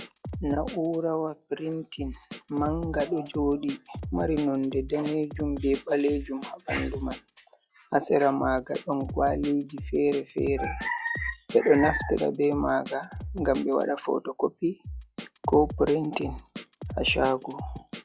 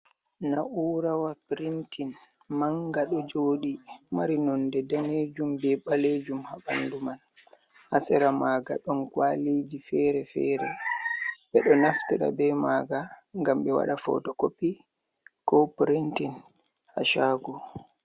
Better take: second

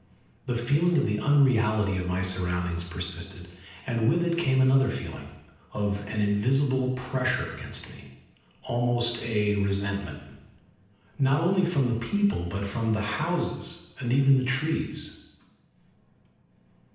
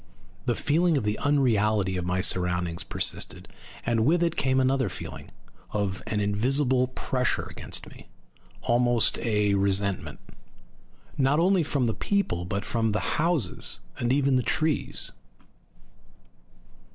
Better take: second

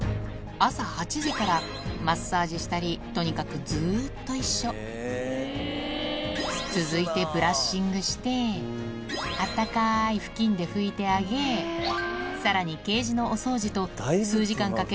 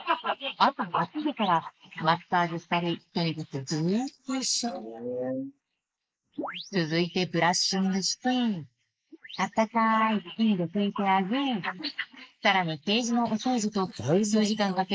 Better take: first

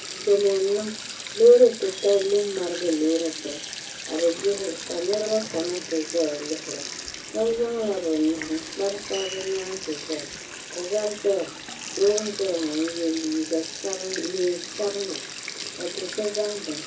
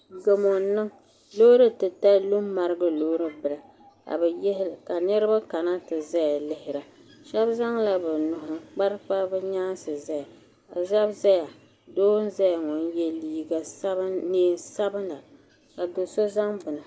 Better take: second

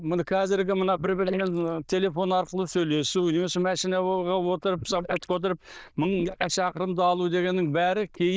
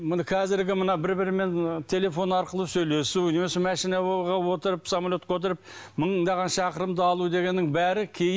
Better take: second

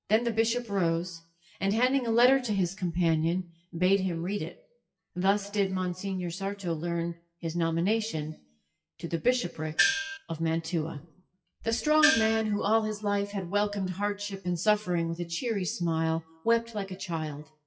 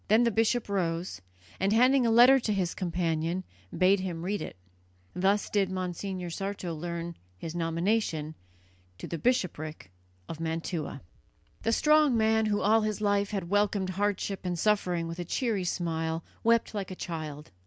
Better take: second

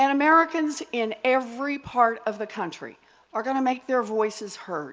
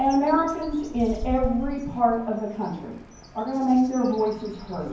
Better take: first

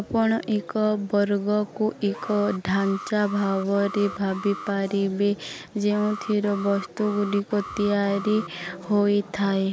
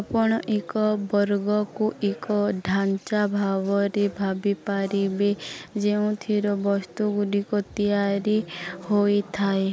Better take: second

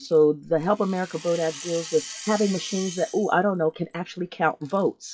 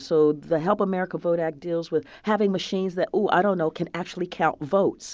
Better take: second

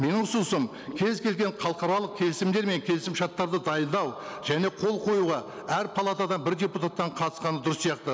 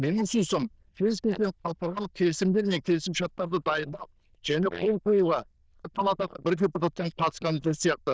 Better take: first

